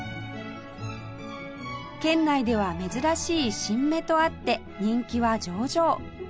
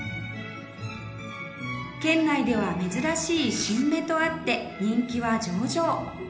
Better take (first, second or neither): first